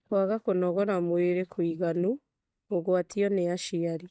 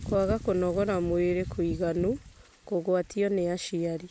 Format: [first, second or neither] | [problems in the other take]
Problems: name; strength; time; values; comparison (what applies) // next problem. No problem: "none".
second | noise reduction (neural mask model DeepFilterNet 3)